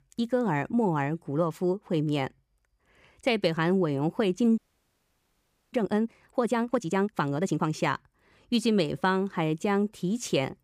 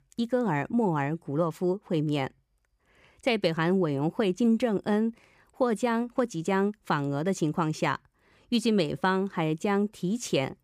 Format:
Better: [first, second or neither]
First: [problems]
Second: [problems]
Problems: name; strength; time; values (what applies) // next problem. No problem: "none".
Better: second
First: audio freezing; at 4.5 s for 1 s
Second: none